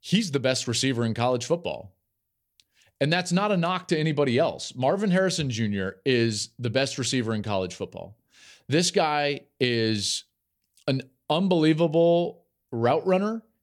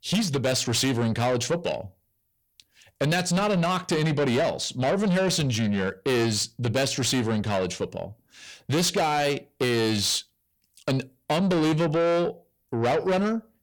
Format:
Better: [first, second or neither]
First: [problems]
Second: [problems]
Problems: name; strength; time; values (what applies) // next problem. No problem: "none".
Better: first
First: none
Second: distortion; heavy; 7 dB below the speech